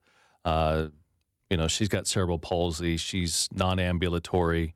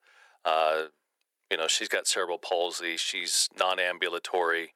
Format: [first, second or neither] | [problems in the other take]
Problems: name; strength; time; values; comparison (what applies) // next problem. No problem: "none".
first | thin; very; fading below 450 Hz